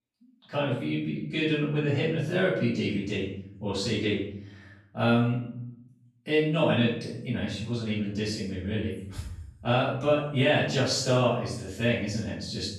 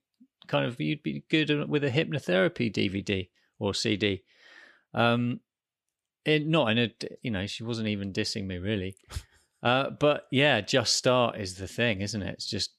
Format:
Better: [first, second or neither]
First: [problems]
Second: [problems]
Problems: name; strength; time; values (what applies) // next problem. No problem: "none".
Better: second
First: off-mic speech; far // room echo; noticeable; dies away in 0.7 s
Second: none